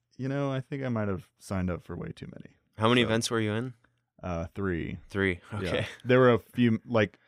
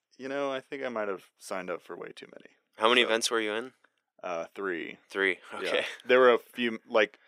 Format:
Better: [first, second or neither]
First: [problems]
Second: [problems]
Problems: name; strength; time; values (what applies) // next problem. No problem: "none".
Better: first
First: none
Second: thin; somewhat; fading below 350 Hz